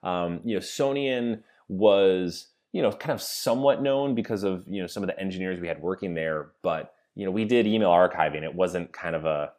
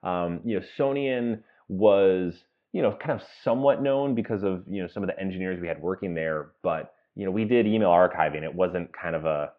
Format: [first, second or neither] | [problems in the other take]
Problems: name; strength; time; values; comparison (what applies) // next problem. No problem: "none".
first | muffled; very; fading above 3 kHz